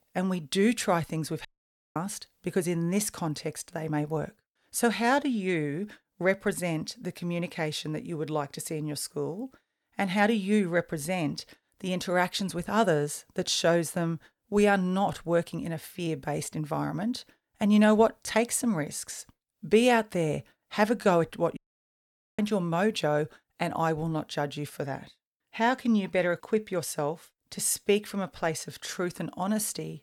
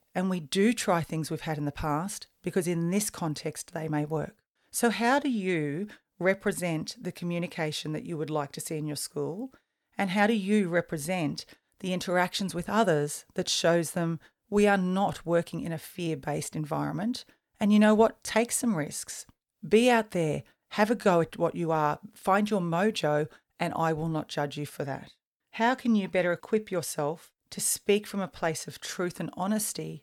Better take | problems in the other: second | audio cutting out; at 1.5 s for 0.5 s and at 22 s for 1 s

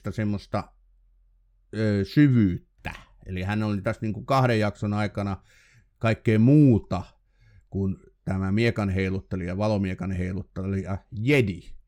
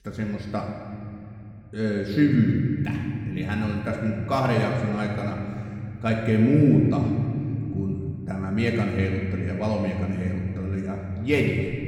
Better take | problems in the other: first | room echo; noticeable; dies away in 2.7 s // off-mic speech; somewhat distant

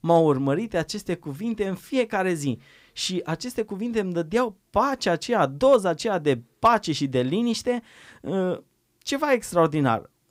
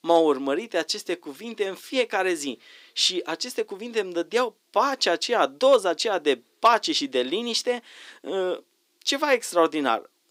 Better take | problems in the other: first | thin; somewhat; fading below 300 Hz

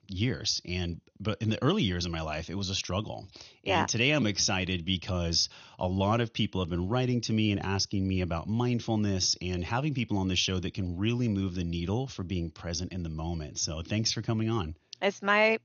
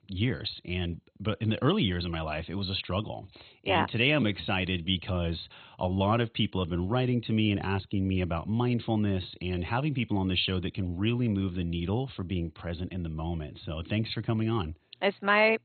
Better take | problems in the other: first | garbled, watery; badly; nothing above 4 kHz; slightly in the first

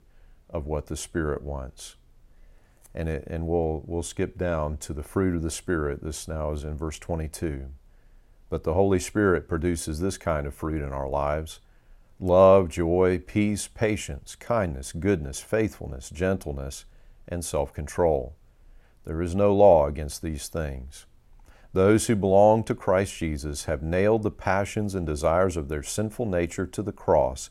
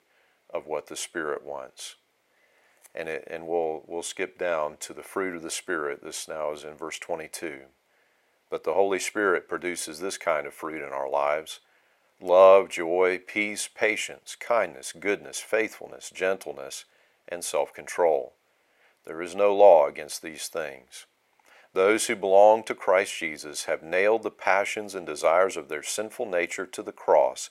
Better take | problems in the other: first | thin; very; fading below 550 Hz

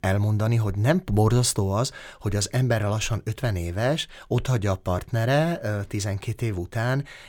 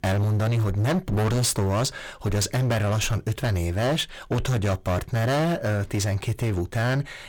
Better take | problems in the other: first | distortion; heavy; 27% of the sound clipped

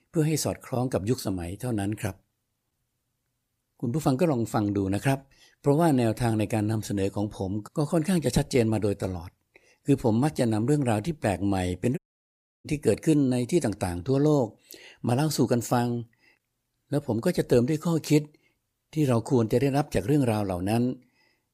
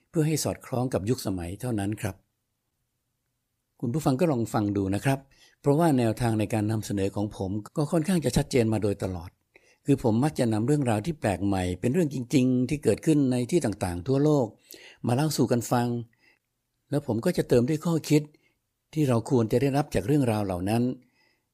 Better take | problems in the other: second | audio cutting out; at 12 s for 0.5 s

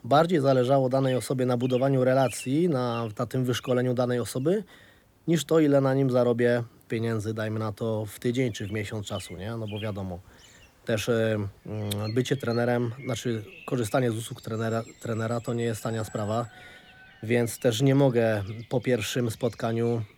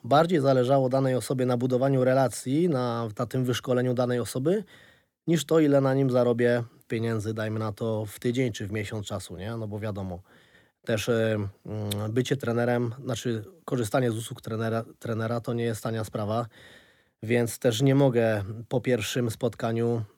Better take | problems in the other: second | animal sounds; faint; throughout; 20 dB below the speech

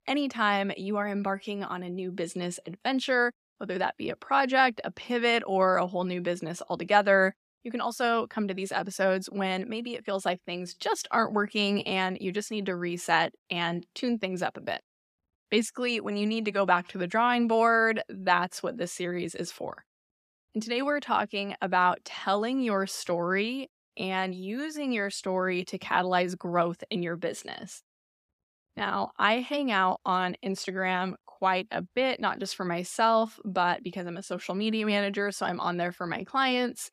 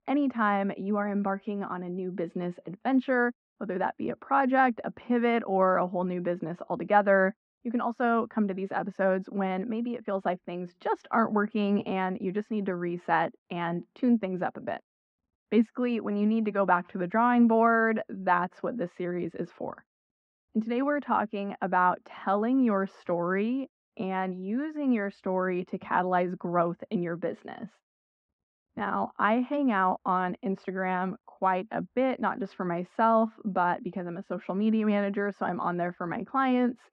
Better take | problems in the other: first | muffled; very; fading above 1.5 kHz

